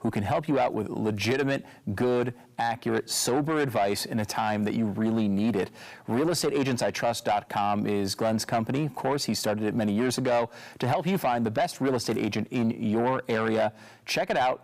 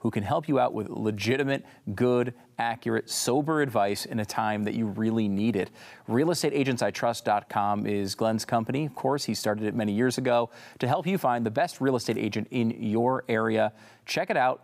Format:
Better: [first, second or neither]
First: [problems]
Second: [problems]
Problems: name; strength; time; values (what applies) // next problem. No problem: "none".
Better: second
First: distortion; slight; 10 dB below the speech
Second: none